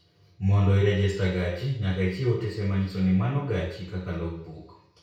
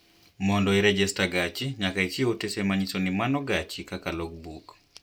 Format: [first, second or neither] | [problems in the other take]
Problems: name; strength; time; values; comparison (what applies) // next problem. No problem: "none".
second | room echo; dies away in 0.6 s